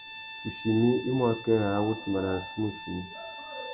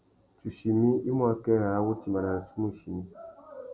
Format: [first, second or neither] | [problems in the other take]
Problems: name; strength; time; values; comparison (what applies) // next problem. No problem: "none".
second | background sound (Bowed string instrument); 13 dB below the speech